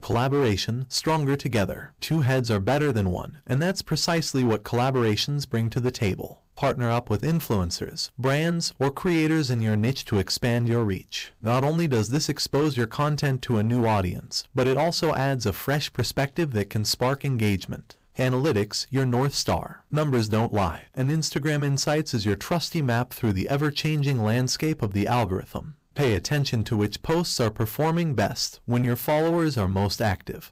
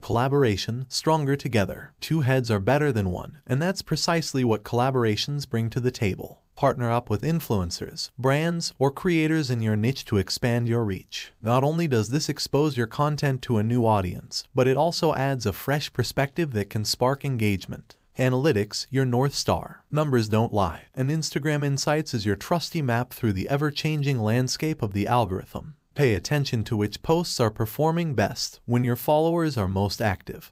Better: second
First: distortion; slight; 10% of the sound clipped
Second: none

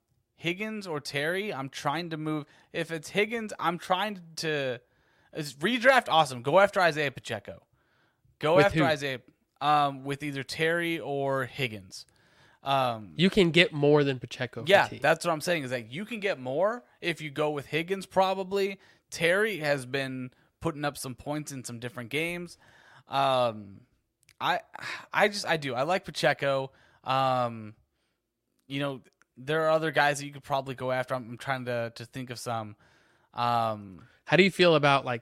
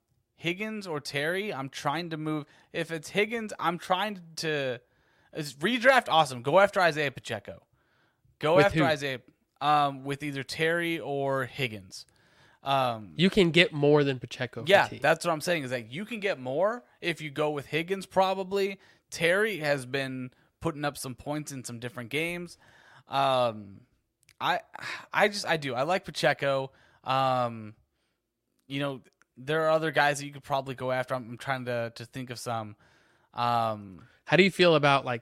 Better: neither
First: none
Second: none

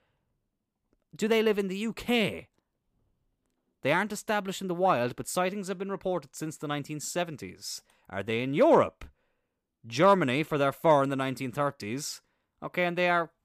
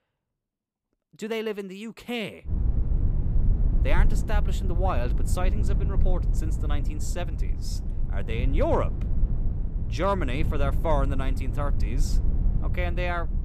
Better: first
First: none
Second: low rumble; noticeable; from 2.5 s on; 10 dB below the speech

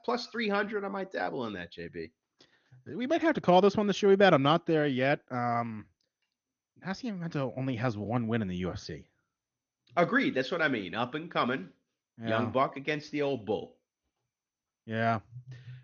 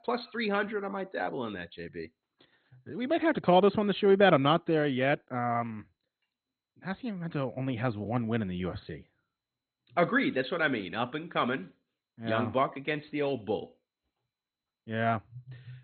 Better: first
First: garbled, watery; slightly; nothing above 6.5 kHz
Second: garbled, watery; badly; nothing above 4 kHz

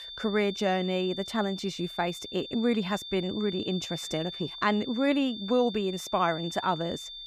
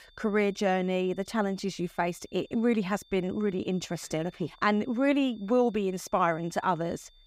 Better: second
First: high-pitched whine; loud; throughout; 3.5 kHz, 9 dB below the speech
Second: high-pitched whine; faint; throughout; 3.5 kHz, 30 dB below the speech

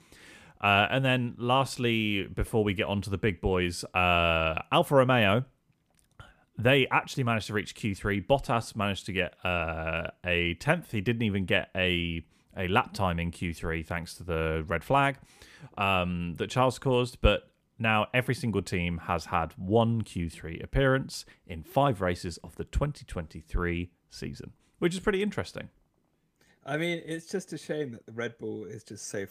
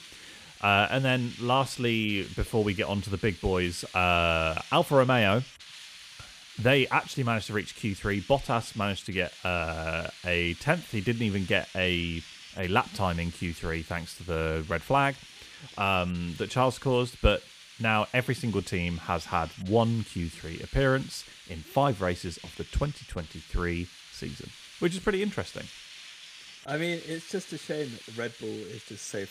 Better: first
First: none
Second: hiss; noticeable; throughout; 15 dB below the speech

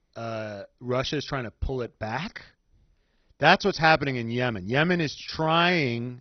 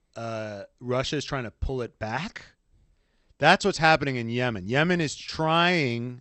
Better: second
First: garbled, watery; badly; nothing above 6 kHz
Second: garbled, watery; slightly; nothing above 8 kHz

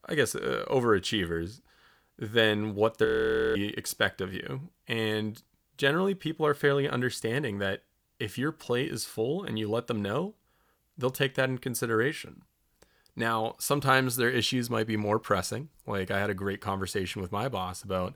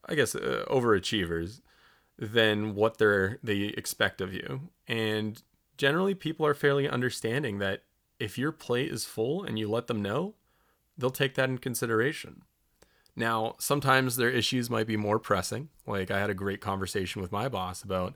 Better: second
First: audio freezing; at 3 s for 0.5 s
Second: none

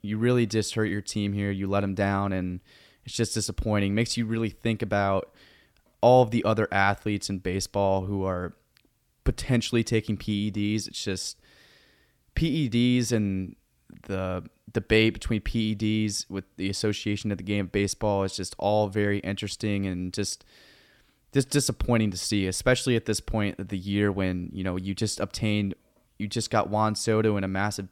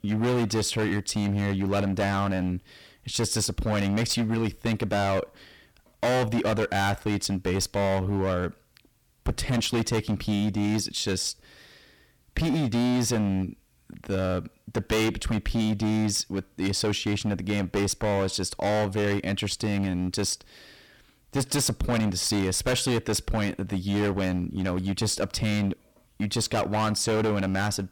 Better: first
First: none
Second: distortion; heavy; 18% of the sound clipped

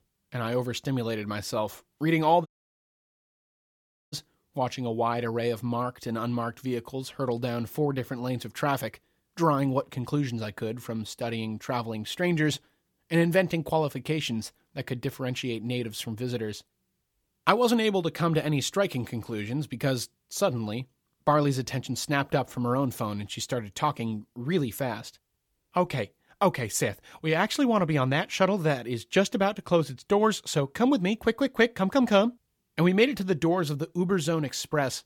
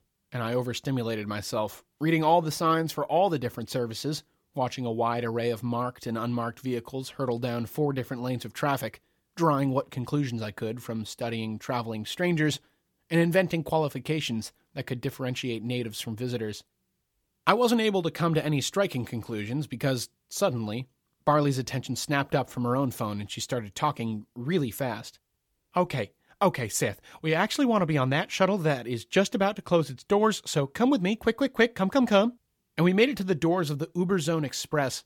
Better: second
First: audio cutting out; at 2.5 s for 1.5 s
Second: none

